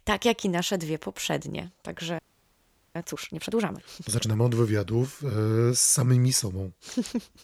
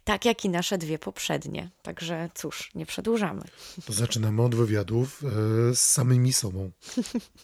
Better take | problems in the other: second | audio freezing; at 2 s for 1 s

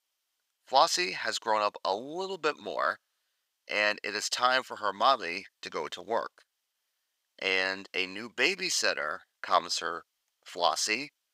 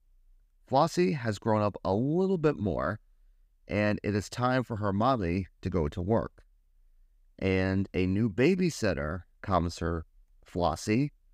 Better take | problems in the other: second | thin; very; fading below 850 Hz

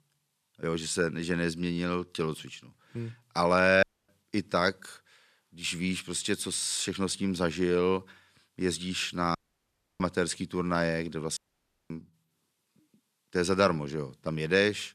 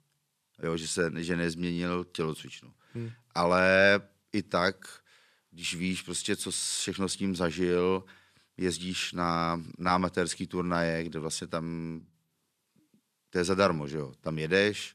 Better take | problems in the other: second | audio cutting out; at 4 s, at 9.5 s for 0.5 s and at 11 s for 0.5 s

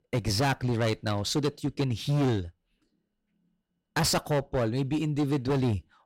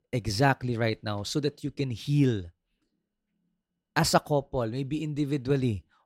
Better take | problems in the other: second | distortion; heavy; 13% of the sound clipped

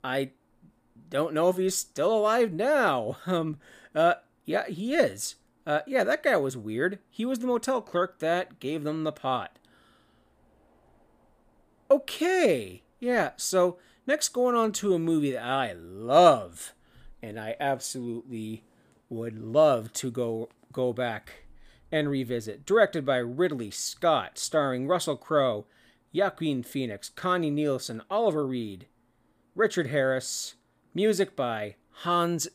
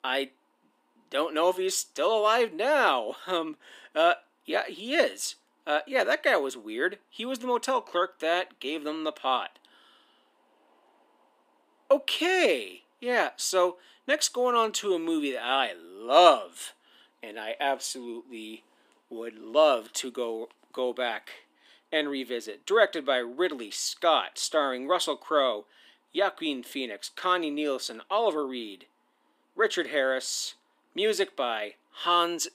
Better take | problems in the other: first | thin; very slightly; fading below 250 Hz

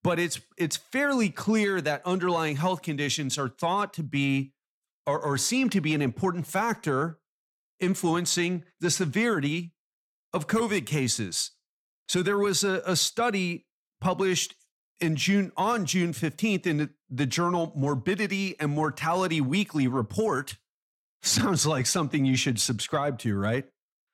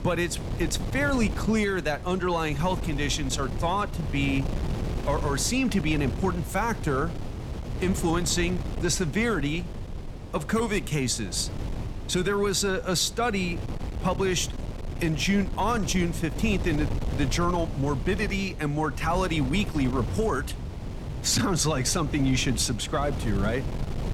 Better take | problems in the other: first | wind noise on the microphone; occasional gusts; 15 dB below the speech

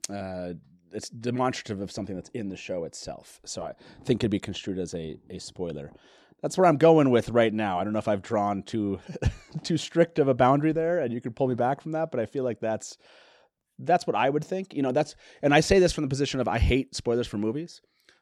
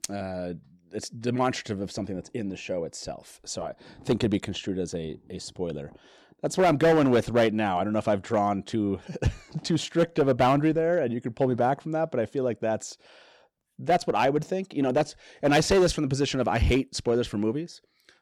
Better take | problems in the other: first | distortion; slight; 4% of the sound clipped

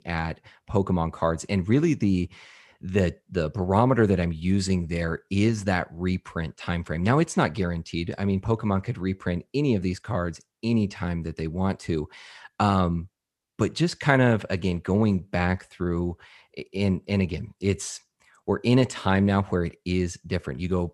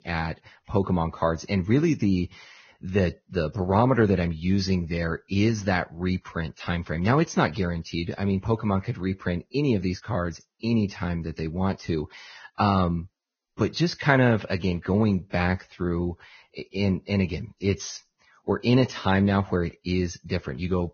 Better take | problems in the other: first | garbled, watery; badly; nothing above 6.5 kHz

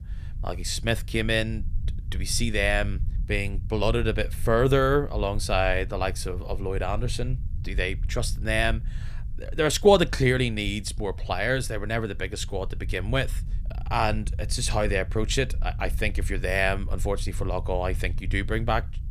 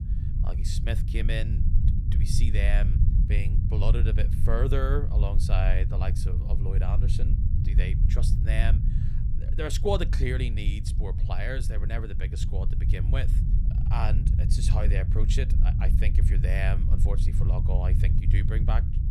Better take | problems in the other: first | low rumble; loud; throughout; 6 dB below the speech; faint in the first

